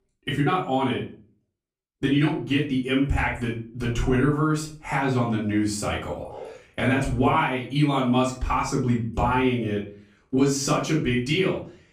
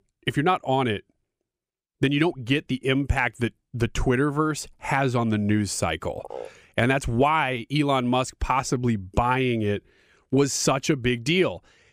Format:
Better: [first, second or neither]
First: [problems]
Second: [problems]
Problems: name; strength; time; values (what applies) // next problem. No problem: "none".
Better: second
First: off-mic speech; far // room echo; slight; dies away in 0.4 s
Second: none